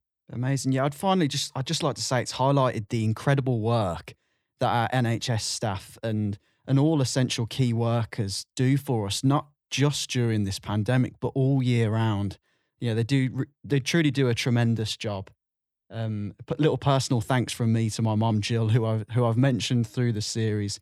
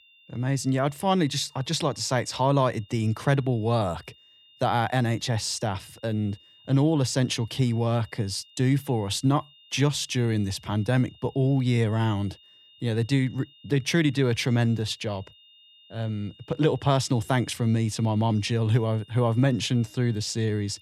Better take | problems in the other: first | high-pitched whine; faint; throughout; 3 kHz, 25 dB below the speech

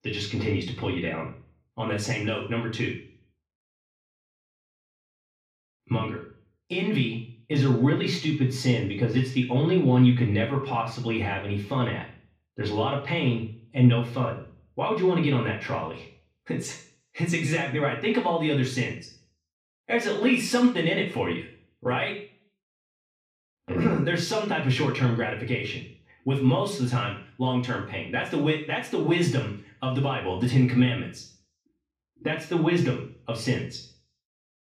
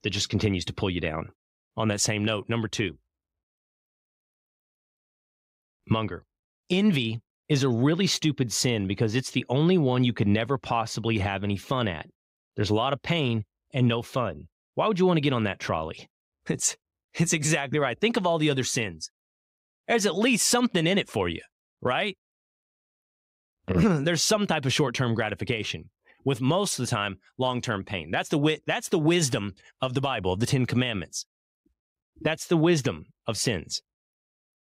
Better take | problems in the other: second | room echo; slight; dies away in 0.5 s // off-mic speech; far

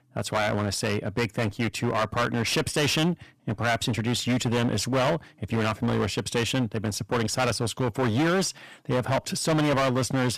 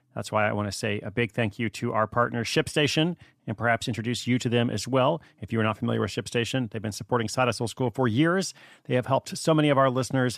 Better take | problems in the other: second | distortion; heavy; 21% of the sound clipped

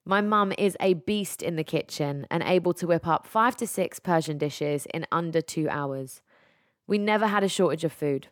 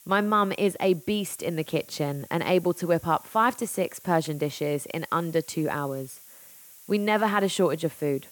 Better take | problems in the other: first | hiss; faint; throughout; 20 dB below the speech

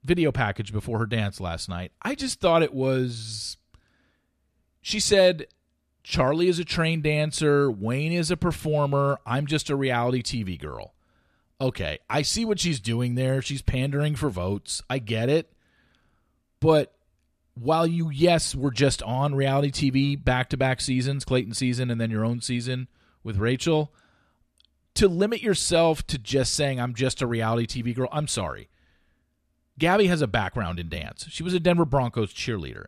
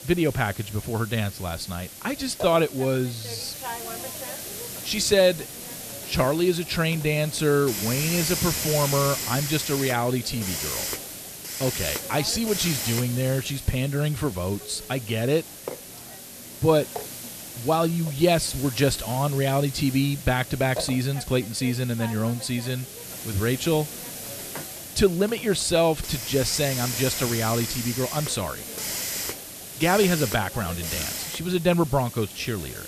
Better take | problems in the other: first | hiss; loud; throughout; 7 dB below the speech

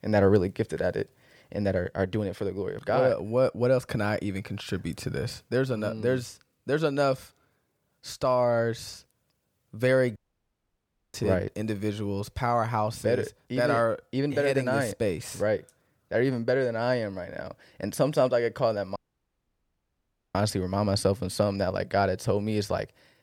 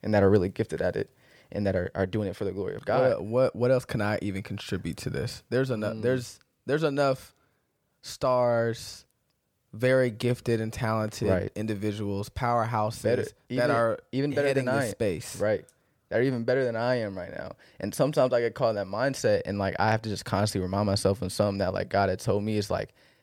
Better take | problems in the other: second | audio cutting out; at 10 s for 1 s and at 19 s for 1.5 s

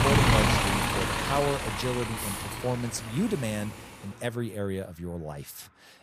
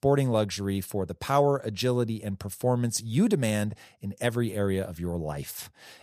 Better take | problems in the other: second | traffic noise; very loud; throughout; 4 dB above the speech

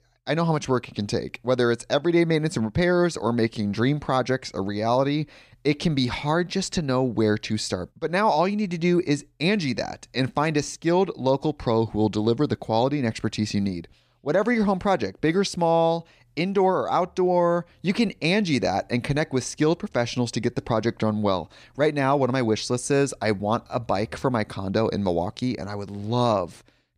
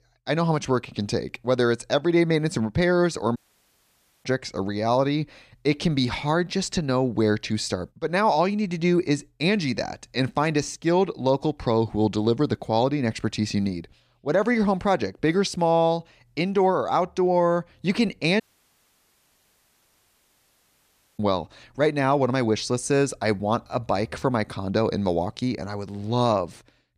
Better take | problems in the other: first | audio cutting out; at 3.5 s for 1 s and at 18 s for 3 s

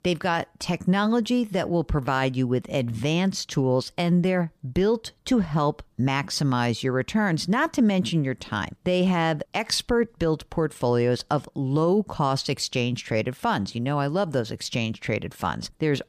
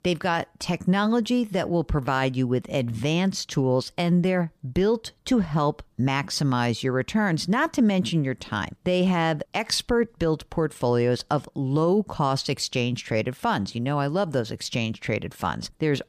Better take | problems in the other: neither | none

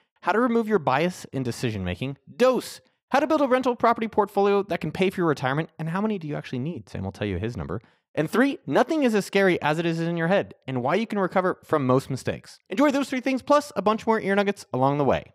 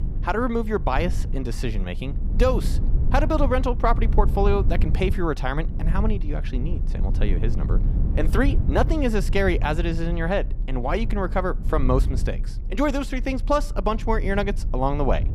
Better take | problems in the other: first | low rumble; noticeable; throughout; 15 dB below the speech

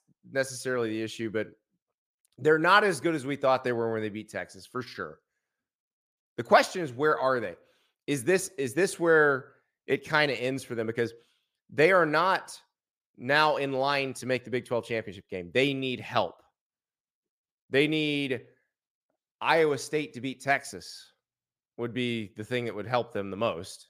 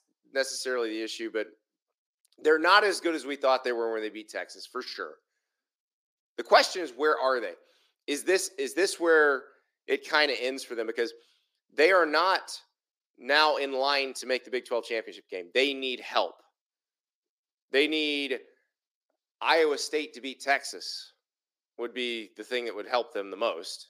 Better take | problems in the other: first | thin; very slightly; fading below 300 Hz

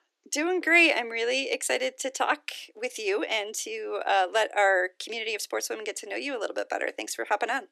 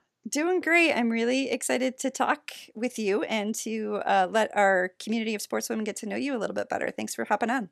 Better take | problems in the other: second | thin; somewhat; fading below 300 Hz

